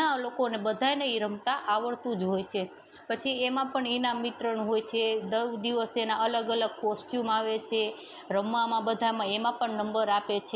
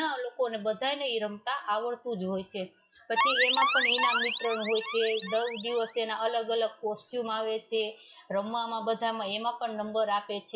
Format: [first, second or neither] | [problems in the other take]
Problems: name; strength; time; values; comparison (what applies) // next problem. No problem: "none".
first | noise reduction (classical method WPE with log-MMSE)